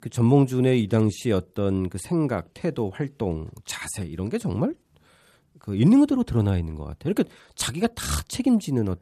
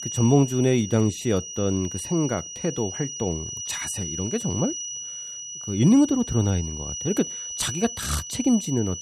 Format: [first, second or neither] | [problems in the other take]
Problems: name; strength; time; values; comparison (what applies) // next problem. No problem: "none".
first | high-pitched whine; loud; throughout; 6 kHz, 7 dB below the speech